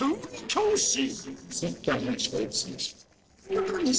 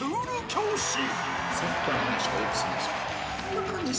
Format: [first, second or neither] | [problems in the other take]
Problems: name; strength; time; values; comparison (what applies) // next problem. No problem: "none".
second | noise reduction (neural separator model SepFormer DNS4)